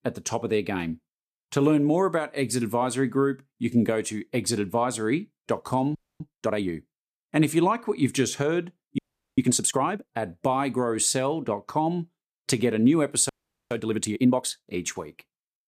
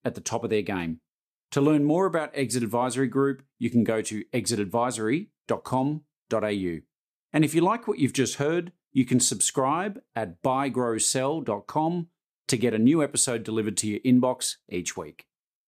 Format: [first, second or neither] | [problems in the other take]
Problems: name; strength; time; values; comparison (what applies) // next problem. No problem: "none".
second | audio freezing; at 6 s, at 9 s and at 13 s